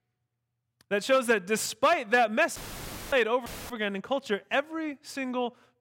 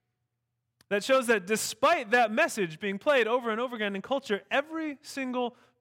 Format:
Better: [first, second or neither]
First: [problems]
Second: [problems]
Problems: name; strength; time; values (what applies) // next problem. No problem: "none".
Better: second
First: audio cutting out; filled with static; at 2.5 s for 0.5 s and at 3.5 s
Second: none